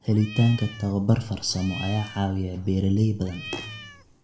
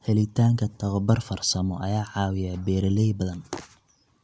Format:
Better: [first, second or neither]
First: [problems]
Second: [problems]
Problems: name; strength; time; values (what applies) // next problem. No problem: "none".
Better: second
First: background sound (Cat); 16 dB below the speech // room echo; dies away in 1.5 s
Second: none